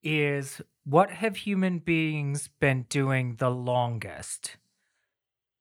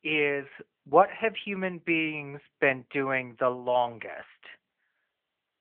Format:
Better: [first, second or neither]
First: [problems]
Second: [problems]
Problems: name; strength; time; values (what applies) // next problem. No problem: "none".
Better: first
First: none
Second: phone-call audio